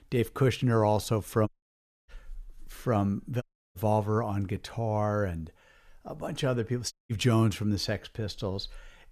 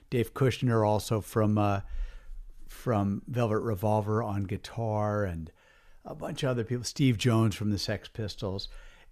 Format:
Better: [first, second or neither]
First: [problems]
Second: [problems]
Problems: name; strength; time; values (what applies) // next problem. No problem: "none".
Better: second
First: audio cutting out; at 1.5 s for 0.5 s, at 3.5 s and at 7 s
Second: none